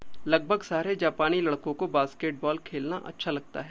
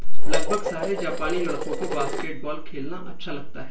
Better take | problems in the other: first | background sound (Dishes, pots, and pans); 15 dB below the speech // room echo; dies away in 0.3 s

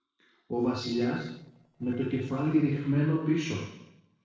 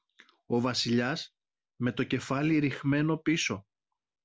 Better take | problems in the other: second | noise reduction (neural separator model SepFormer DNS4)

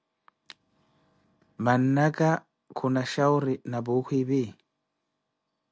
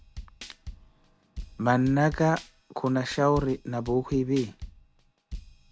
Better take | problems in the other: first | background sound (Drum / Drum kit); 15 dB below the speech

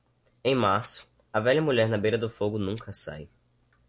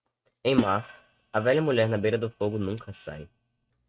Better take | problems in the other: first | noise reduction (neural mask model RNNoise)

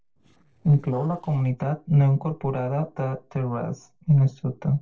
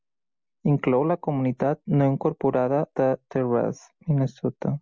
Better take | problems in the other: second | noise reduction (neural separator model SepFormer DNS4)

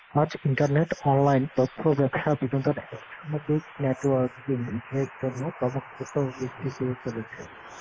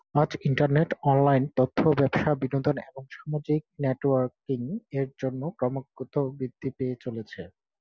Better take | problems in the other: second | noise reduction (neural mask model Resemble Enhance denoiser)

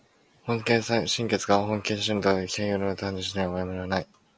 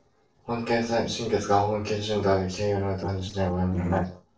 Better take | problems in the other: first | noise reduction (neural separator model SepFormer DNS4)

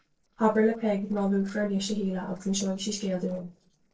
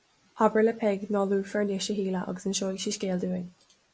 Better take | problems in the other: second | noise reduction (neural separator model SepFormer DNS4)

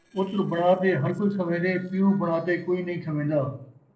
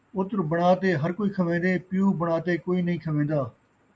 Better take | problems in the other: second | noise reduction (neural separator model SepFormer DNS4)

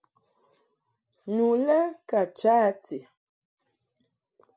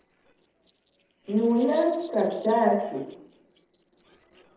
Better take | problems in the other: first | noise reduction (neural separator model SepFormer DNS4)

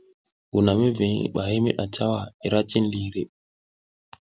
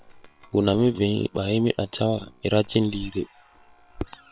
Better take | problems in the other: first | noise reduction (neural separator model SepFormer WHAM!)

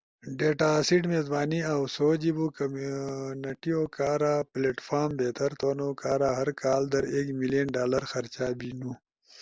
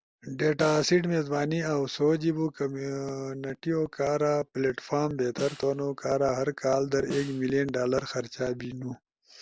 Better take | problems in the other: first | background sound (Snare drum); 19 dB below the speech

